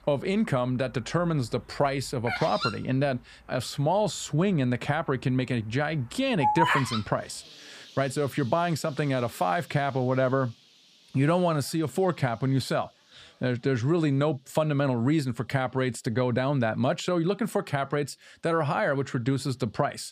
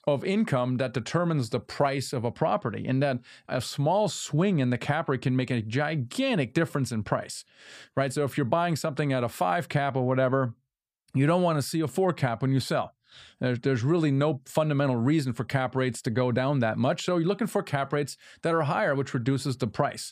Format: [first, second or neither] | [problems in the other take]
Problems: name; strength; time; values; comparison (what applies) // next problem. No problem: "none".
second | animal sounds; loud; throughout; 4 dB below the speech